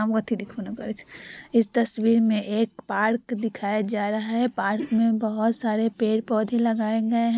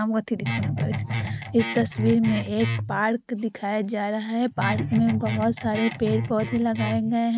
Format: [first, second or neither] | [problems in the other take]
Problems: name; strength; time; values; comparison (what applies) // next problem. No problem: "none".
first | noise reduction (neural mask model RNNoise)